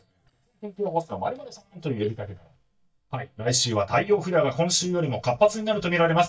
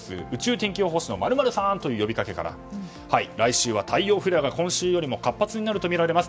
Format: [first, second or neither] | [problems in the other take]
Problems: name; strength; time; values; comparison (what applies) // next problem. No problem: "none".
second | noise reduction (neural mask model DeepFilterNet 3)